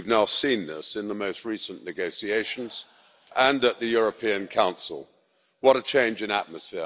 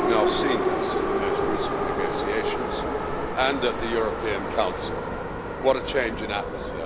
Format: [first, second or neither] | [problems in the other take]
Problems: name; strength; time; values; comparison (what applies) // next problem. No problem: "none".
first | background sound (Subway, metro, underground); 2 dB above the speech